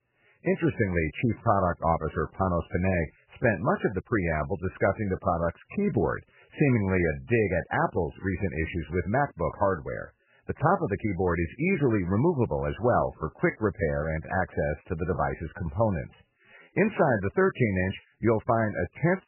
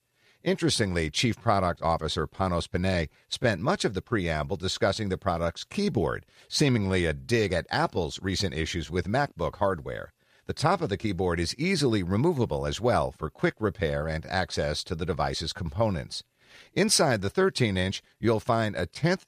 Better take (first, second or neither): second